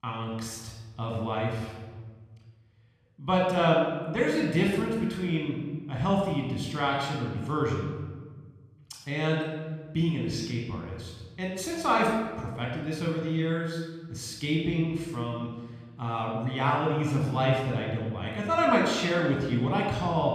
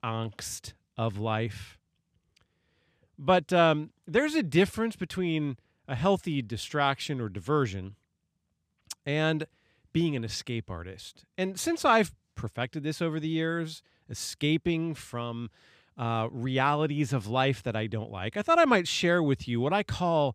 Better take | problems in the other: second | off-mic speech; somewhat distant // room echo; noticeable; dies away in 1.2 s

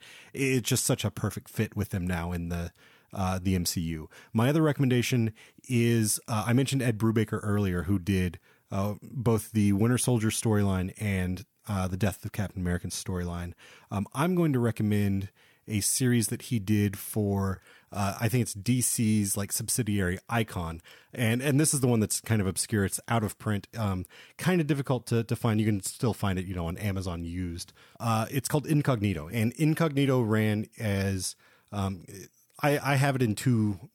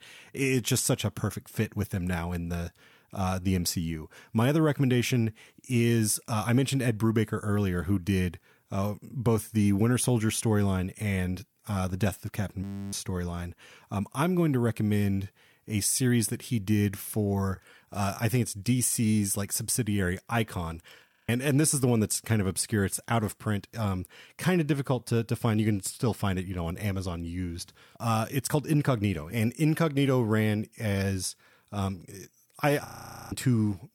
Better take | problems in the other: first | audio freezing; at 13 s, at 21 s and at 33 s

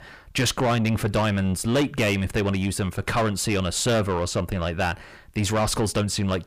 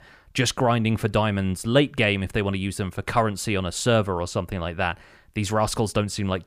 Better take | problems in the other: second | distortion; heavy; 8 dB below the speech

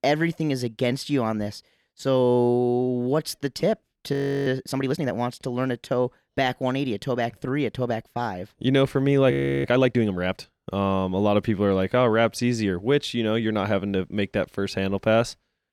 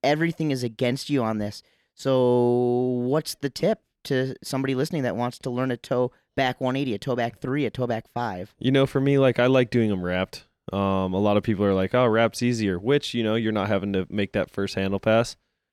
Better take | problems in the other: second | audio freezing; at 4 s and at 9.5 s

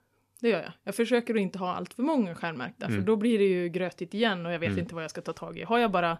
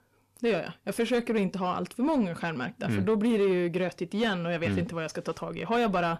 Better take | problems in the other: first | distortion; slight; 10 dB below the speech

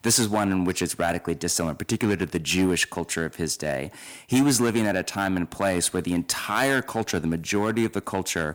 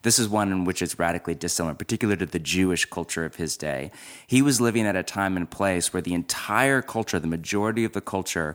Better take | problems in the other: second | distortion; slight; 4% of the sound clipped

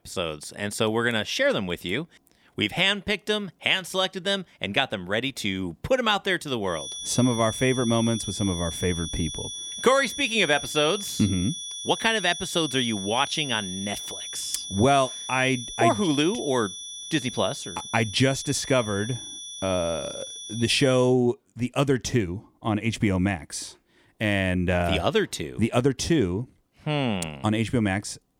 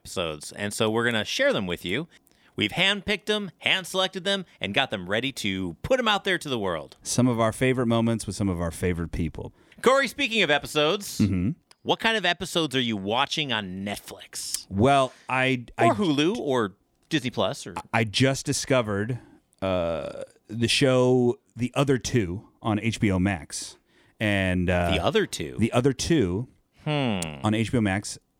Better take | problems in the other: second | high-pitched whine; loud; from 6.5 to 21 s; 3.5 kHz, 8 dB below the speech

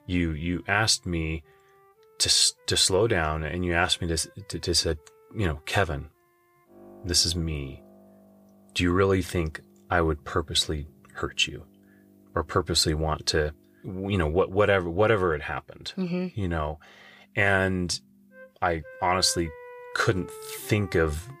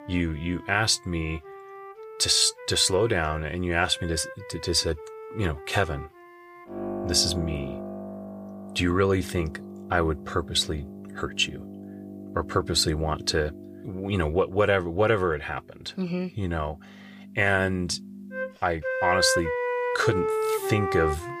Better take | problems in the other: first | background music; loud; throughout; 8 dB below the speech; faint in the first

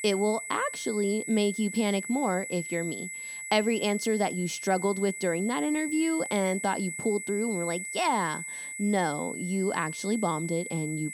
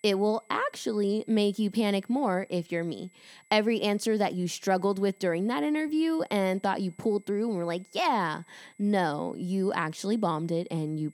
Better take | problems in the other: second | high-pitched whine; loud; throughout; 2 kHz, 7 dB below the speech; faint in the second

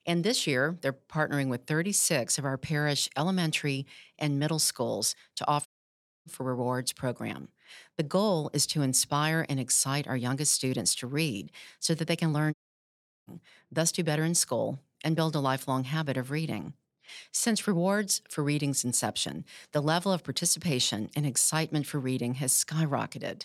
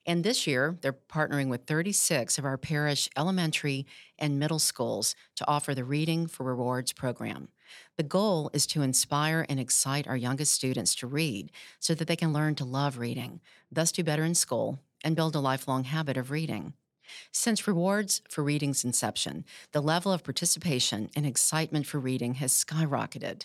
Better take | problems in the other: second | audio cutting out; at 5.5 s for 0.5 s and at 13 s for 0.5 s

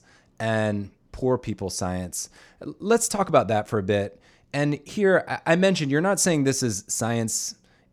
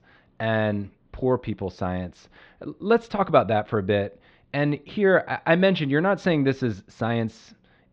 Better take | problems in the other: first | muffled; very; fading above 4 kHz

